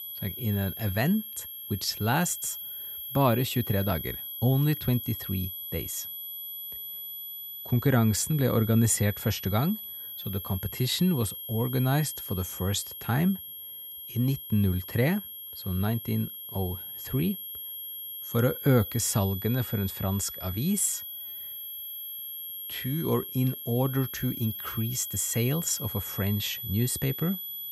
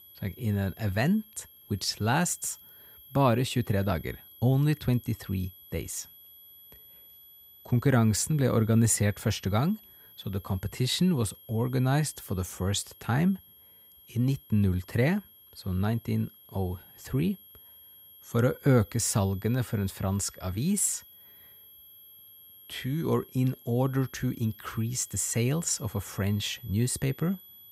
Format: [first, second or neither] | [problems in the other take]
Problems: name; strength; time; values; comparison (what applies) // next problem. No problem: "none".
second | high-pitched whine; loud; throughout; 11.5 kHz, 7 dB below the speech; faint in the second